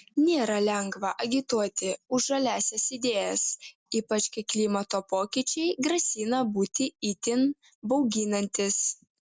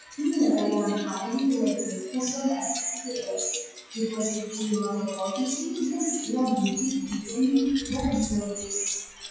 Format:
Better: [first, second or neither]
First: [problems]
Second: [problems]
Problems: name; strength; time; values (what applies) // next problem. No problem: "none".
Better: first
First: none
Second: noise reduction (classical method WPE with log-MMSE)